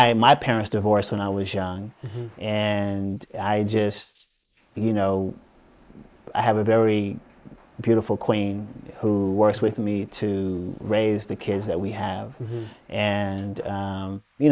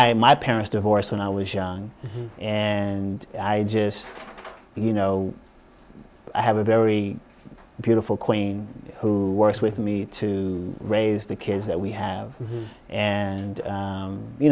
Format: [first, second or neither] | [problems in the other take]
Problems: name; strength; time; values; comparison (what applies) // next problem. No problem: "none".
second | noise reduction (neural mask model Resemble Enhance denoiser)